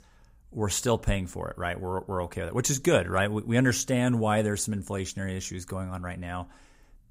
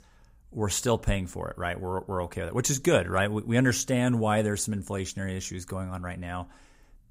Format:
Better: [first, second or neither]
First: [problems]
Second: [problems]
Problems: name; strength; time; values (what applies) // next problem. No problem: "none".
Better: neither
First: none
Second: none